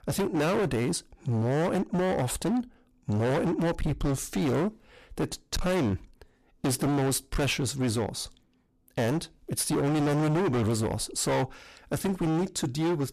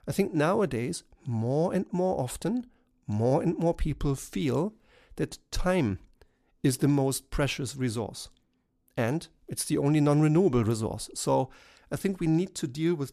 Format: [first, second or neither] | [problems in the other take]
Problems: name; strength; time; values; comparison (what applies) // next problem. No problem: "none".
second | distortion; heavy; 25% of the sound clipped